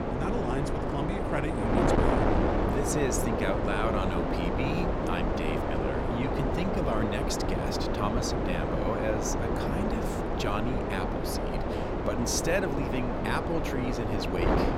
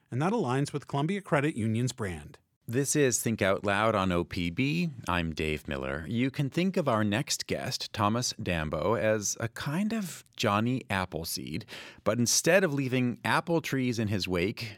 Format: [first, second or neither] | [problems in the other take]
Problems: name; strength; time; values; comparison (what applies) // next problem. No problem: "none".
second | wind noise on the microphone; heavy; 3 dB above the speech